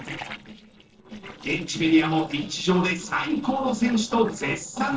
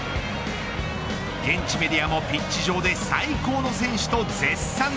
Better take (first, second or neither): second